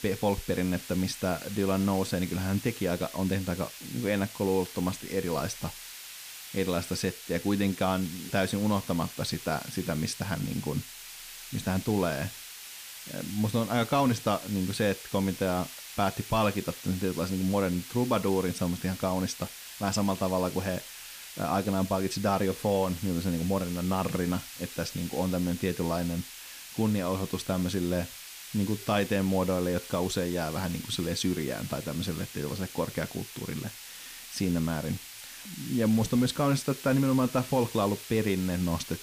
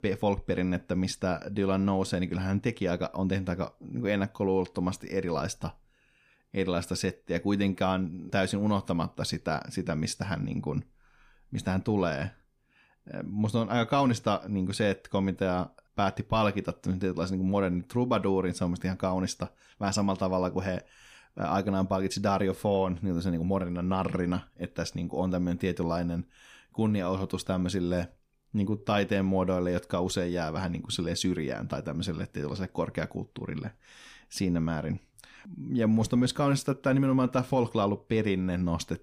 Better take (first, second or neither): second